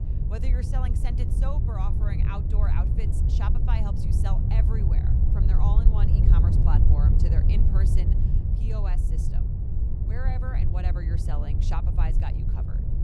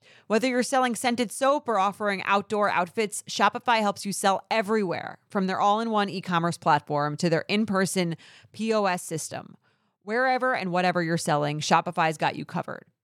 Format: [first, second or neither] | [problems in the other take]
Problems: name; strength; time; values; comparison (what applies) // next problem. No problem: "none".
second | wind noise on the microphone; heavy; as loud as the speech